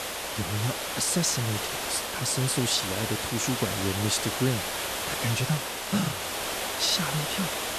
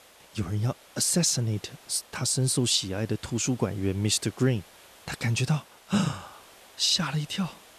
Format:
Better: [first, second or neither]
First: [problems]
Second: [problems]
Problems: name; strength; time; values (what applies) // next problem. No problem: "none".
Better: second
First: hiss; loud; throughout; 1 dB below the speech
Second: hiss; faint; throughout; 25 dB below the speech